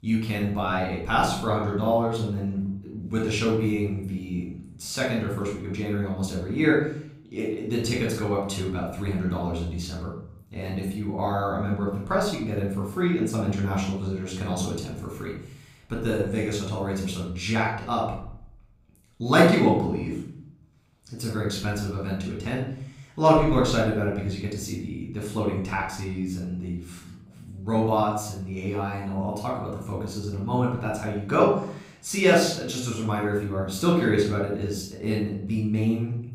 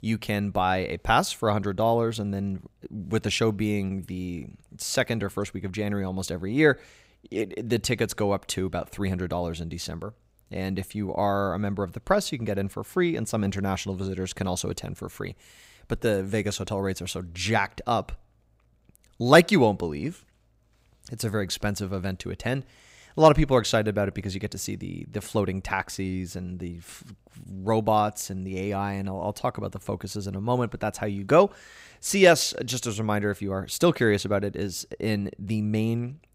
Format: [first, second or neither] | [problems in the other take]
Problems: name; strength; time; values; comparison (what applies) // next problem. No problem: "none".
second | off-mic speech; far // room echo; noticeable; dies away in 0.6 s